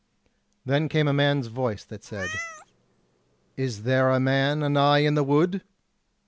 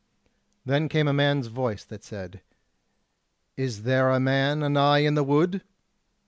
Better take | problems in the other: second | background sound (Meow); 15 dB below the speech

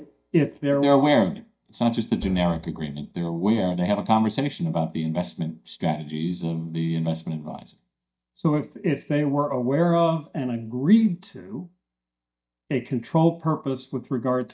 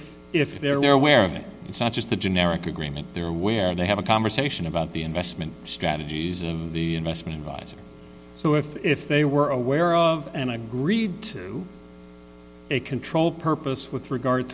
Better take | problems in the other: second | noise reduction (neural mask model DeepFilterNet 3)

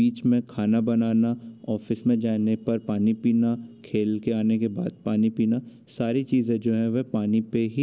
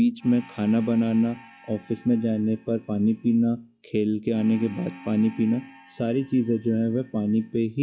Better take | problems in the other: first | noise reduction (classical method log-MMSE)

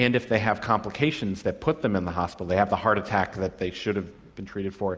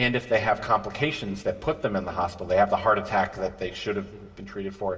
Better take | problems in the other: first | room echo; dies away in 3 s

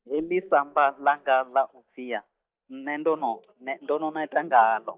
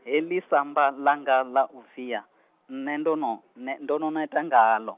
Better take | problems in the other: second | noise reduction (neural mask model DeepFilterNet 3)

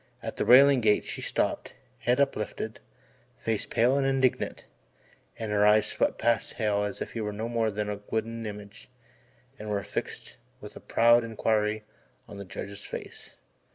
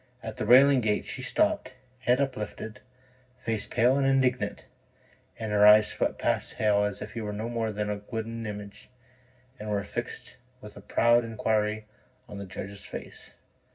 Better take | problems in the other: first | room echo; dies away in 0.4 s

